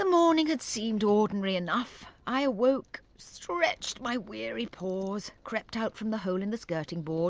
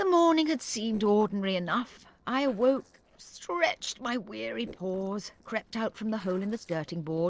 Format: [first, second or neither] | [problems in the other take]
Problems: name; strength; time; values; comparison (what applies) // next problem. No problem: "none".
first | noise reduction (neural separator model SepFormer DNS4)